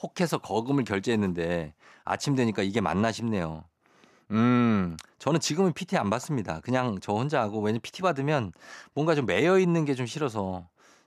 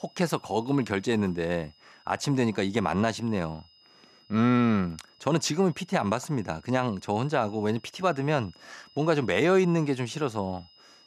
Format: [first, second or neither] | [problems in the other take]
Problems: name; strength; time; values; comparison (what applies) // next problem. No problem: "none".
first | high-pitched whine; faint; throughout; 5 kHz, 30 dB below the speech